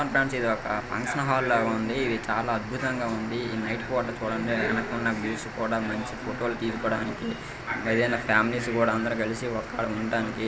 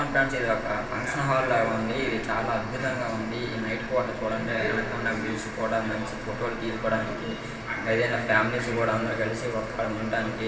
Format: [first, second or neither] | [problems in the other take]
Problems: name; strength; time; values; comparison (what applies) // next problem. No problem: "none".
first | room echo; dies away in 2.4 s